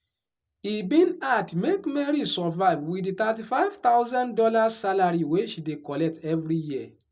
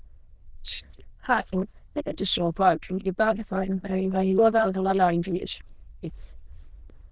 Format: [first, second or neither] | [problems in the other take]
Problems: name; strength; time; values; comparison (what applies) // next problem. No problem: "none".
first | noise reduction (neural diffusion model UNIVERSE++)